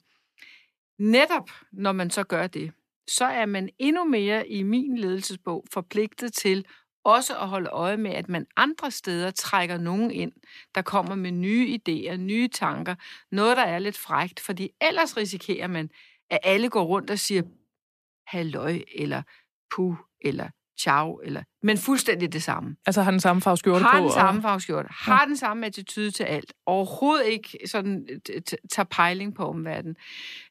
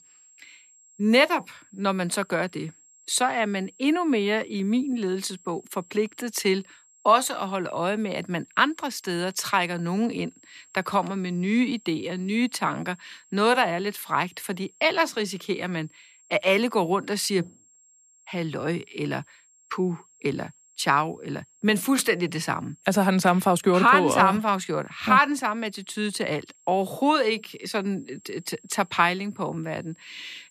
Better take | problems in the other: first | high-pitched whine; faint; throughout; 7.5 kHz, 30 dB below the speech

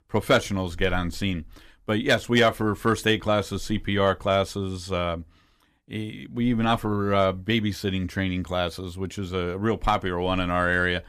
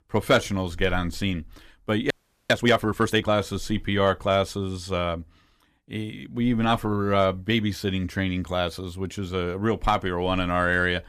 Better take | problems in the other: first | audio freezing; at 2 s

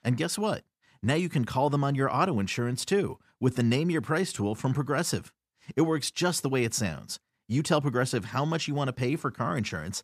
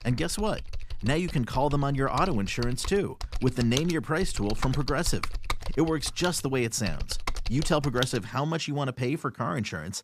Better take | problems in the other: first | keyboard typing; noticeable; until 8 s; peak 5 dB below the speech

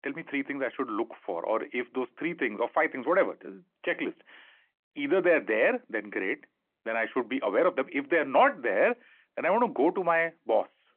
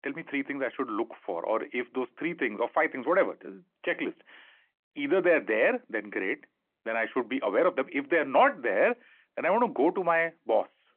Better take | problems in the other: neither | phone-call audio; the same in both

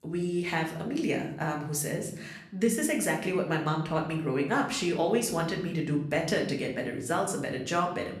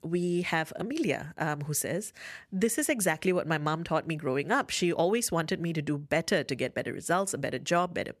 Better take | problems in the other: second | room echo; slight; dies away in 0.7 s // off-mic speech; somewhat distant

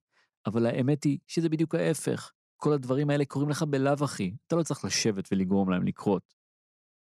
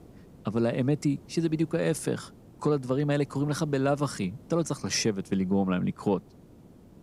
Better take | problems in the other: first | hiss; faint; throughout; 25 dB below the speech

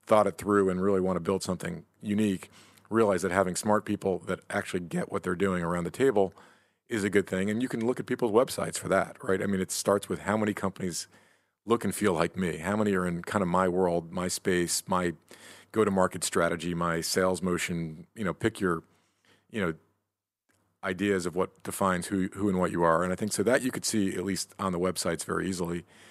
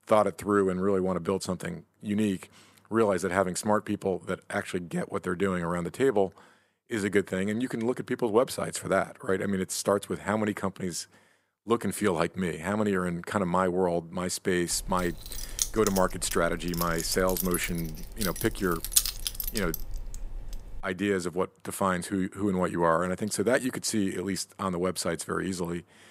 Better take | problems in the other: first | jangling keys; loud; from 15 to 21 s; peak 5 dB above the speech

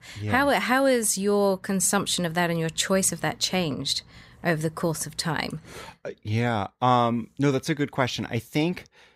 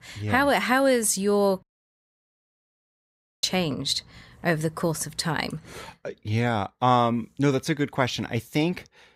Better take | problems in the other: first | audio cutting out; at 1.5 s for 2 s

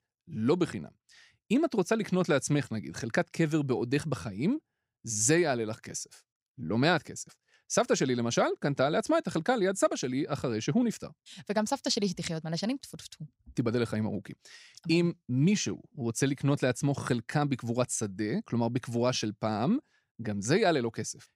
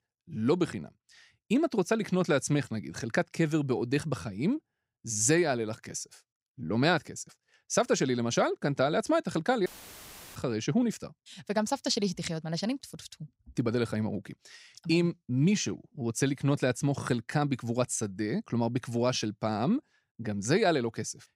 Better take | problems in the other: first | audio cutting out; filled with static; at 9.5 s for 0.5 s

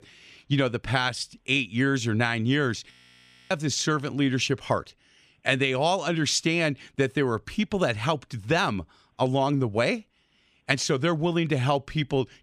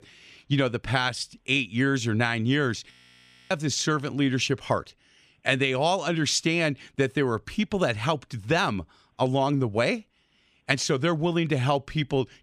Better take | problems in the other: neither | audio freezing; at 3 s for 0.5 s; the same in both

